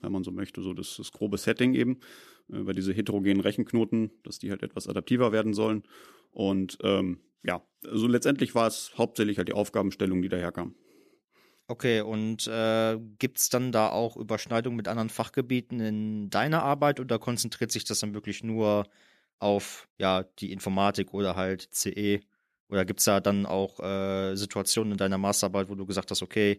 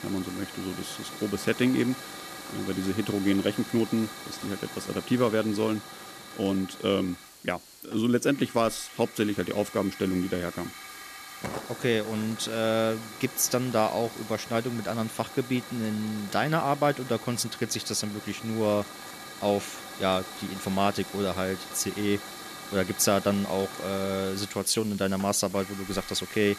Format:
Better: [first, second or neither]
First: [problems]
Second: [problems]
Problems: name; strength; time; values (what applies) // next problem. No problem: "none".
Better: first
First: none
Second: hiss; noticeable; throughout; 10 dB below the speech